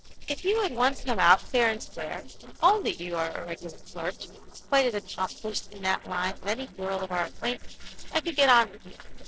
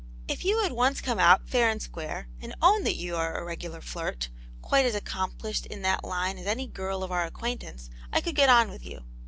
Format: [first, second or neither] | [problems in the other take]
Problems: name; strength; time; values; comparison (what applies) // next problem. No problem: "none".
second | noise reduction (neural separator model SepFormer DNS4)